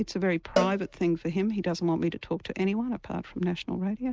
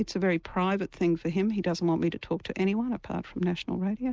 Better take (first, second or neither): second